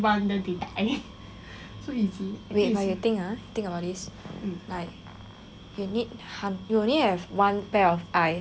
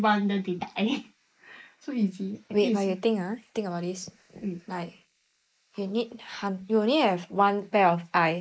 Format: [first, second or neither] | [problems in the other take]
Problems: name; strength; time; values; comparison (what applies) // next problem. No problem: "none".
first | noise reduction (neural mask model Resemble Enhance denoiser)